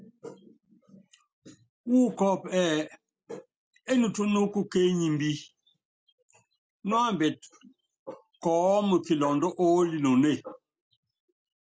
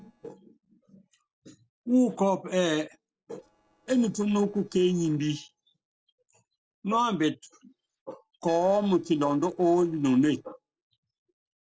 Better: first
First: none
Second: noise reduction (neural separator model SepFormer DNS4)

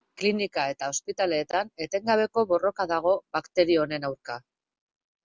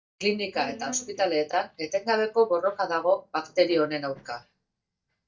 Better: first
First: none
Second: noise reduction (neural mask model DeepFilterNet 3)

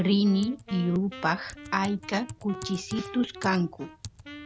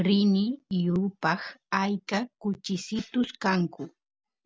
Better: second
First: background sound (Typing + Wind instrument, woodwind instrument); 14 dB below the speech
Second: none

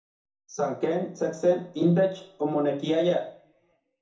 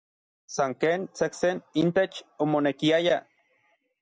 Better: second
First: room echo; dies away in 0.6 s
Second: none

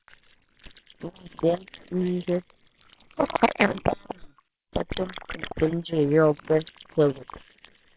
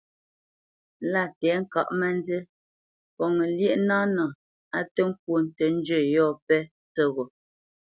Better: second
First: noise reduction (neural separator model SepFormer WHAMR!)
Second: none

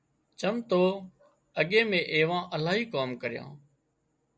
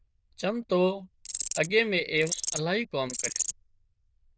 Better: first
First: none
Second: noise reduction (neural diffusion model UNIVERSE++)

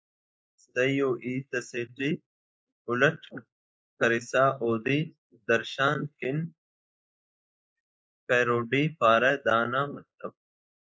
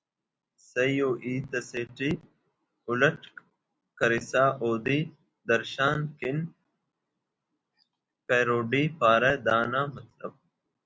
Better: second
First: noise reduction (neural mask model Resemble Enhance denoiser)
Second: none

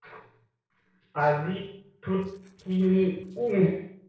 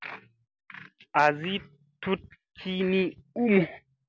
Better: second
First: noise reduction (neural separator model SepFormer DNS4)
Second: none

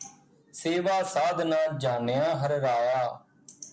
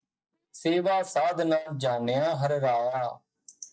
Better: first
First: none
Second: noise reduction (neural mask model DeepFilterNet 3)

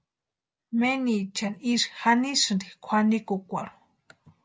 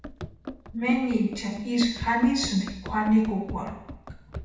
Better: first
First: none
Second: background sound (Run); 13 dB below the speech // room echo; dies away in 0.8 s

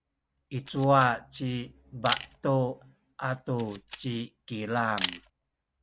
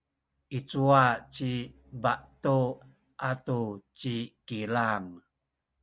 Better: second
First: background sound (Camera); 12 dB below the speech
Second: none

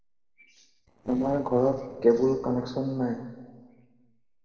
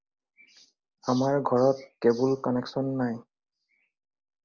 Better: second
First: noise reduction (neural separator model SepFormer DNS4)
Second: none

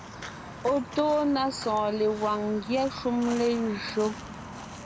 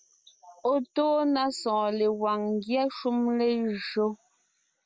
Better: second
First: background sound (Walk, footsteps); 12 dB below the speech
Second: none

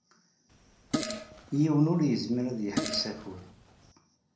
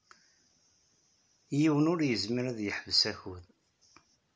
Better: second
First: background sound (Fart); 7 dB below the speech // room echo; dies away in 0.6 s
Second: none

